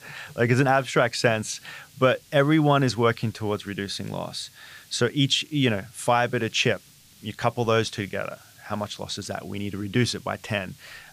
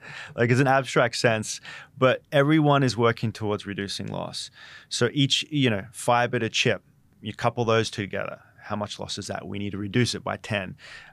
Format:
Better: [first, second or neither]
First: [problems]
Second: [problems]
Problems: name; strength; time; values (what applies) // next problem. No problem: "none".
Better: second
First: hiss; faint; throughout; 25 dB below the speech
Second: none